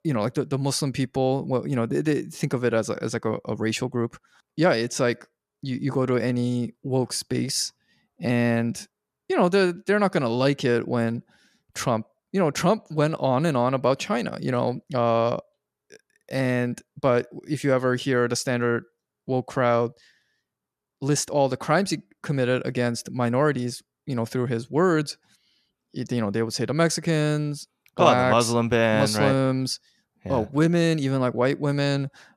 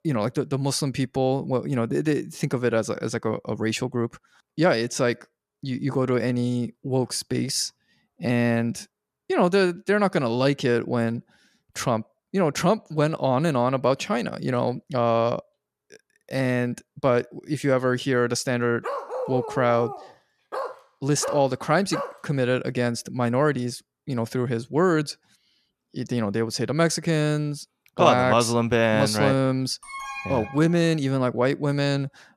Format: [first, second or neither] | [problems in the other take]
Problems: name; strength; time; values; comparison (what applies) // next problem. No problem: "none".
first | dog barking; noticeable; from 19 to 22 s; peak 6 dB below the speech // alarm; noticeable; from 30 to 31 s; peak 9 dB below the speech